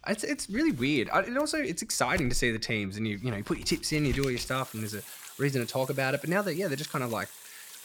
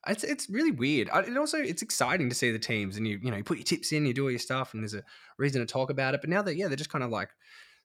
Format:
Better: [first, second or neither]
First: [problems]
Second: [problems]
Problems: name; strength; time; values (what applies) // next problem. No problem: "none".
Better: second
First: household noises; noticeable; throughout; 15 dB below the speech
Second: none